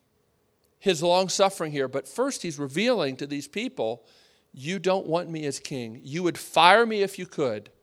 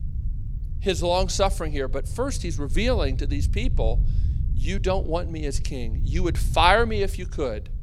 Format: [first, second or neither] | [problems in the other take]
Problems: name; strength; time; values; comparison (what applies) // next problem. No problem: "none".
first | low rumble; faint; throughout; 20 dB below the speech